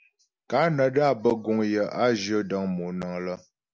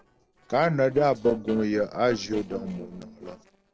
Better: first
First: none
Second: noise reduction (neural separator model SepFormer DNS4)

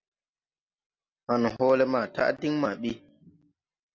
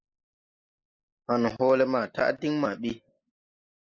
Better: first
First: none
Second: noise reduction (neural mask model Resemble Enhance denoiser)

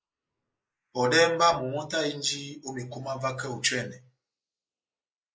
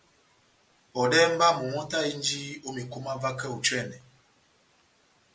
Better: second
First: noise reduction (neural mask model Resemble Enhance denoiser)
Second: none

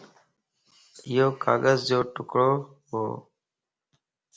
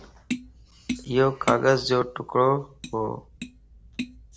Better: first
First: none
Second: background sound (Tap); 11 dB below the speech

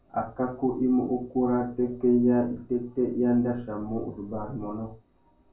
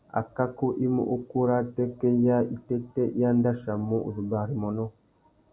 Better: second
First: room echo; dies away in 0.2 s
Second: none

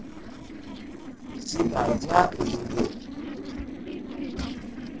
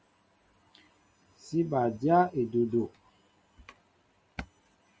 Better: second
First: noise reduction (neural separator model SepFormer DNS4)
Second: none

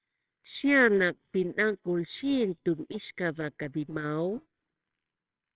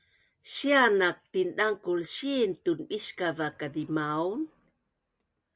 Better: second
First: noise reduction (neural separator model SepFormer WHAMR!)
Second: none

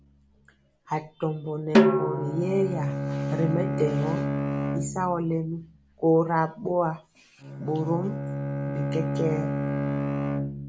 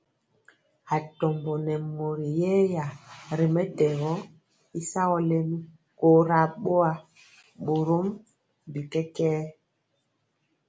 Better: second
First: background sound (Snare drum + Bowed string instrument); as loud as the speech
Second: none

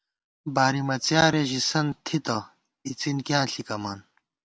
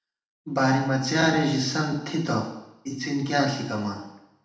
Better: first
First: none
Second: room echo; dies away in 0.8 s

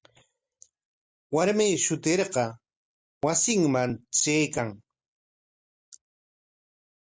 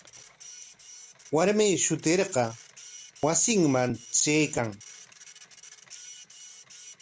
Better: first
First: none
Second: background sound (Printer); 20 dB below the speech

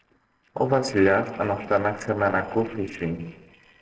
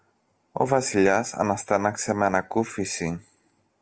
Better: second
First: noise reduction (neural separator model SepFormer DNS4)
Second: none

